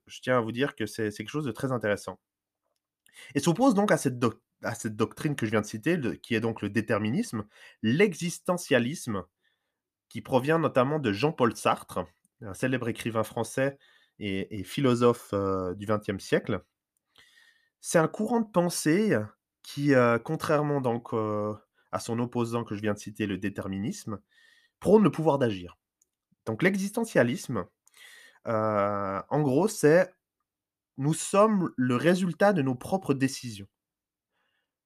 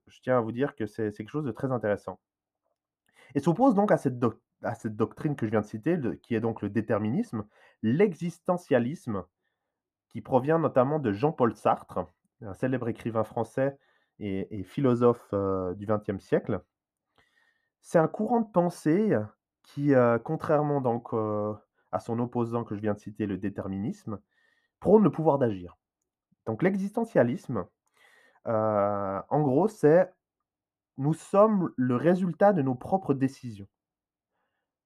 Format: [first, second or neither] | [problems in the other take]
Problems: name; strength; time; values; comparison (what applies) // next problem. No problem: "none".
first | muffled; very; fading above 2 kHz